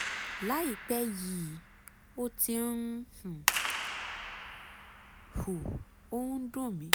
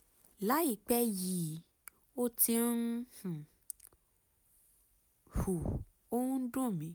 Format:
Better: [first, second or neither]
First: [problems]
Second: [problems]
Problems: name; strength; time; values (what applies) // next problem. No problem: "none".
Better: second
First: background sound (Clapping); 2 dB below the speech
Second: none